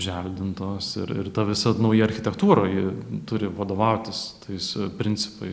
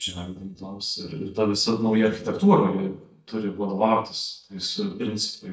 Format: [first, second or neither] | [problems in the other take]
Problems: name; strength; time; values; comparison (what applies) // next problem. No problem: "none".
first | noise reduction (neural mask model DeepFilterNet 3)